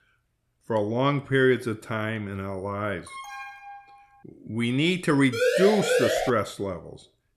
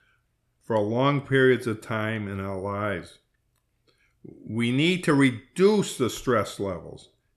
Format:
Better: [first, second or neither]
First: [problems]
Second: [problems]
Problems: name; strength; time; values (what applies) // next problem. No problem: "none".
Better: second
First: alarm; faint; from 3 to 4 s; peak 10 dB below the speech // siren; loud; at 5.5 s; peak 2 dB above the speech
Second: none